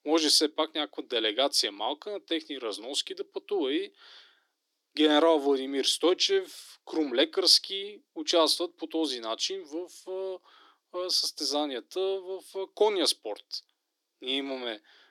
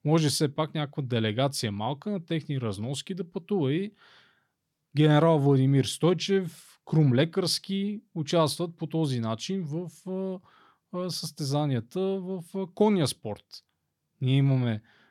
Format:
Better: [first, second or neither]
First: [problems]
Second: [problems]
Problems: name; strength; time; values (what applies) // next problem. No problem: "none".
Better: second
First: thin; somewhat; fading below 300 Hz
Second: none